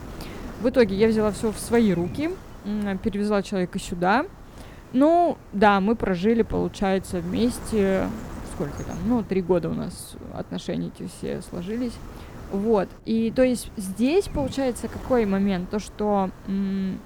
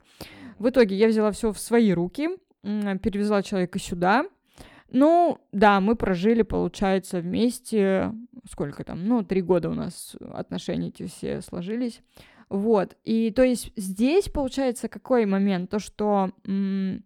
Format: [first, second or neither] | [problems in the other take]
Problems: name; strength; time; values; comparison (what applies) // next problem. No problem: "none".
second | wind noise on the microphone; occasional gusts; 20 dB below the speech